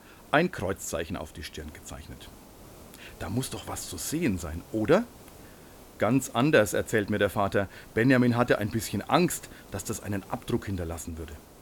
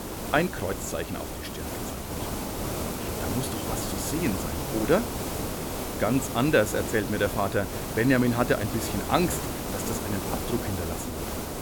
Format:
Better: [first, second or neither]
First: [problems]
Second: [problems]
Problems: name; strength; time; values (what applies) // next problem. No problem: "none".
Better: first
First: hiss; faint; throughout; 25 dB below the speech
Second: hiss; loud; throughout; 4 dB below the speech